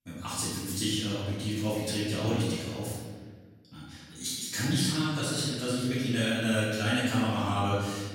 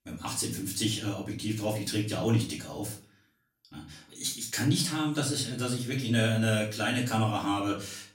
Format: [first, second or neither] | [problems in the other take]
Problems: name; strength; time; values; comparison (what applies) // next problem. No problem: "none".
second | room echo; strong; dies away in 1.4 s; slight in the second // off-mic speech; far; far in the second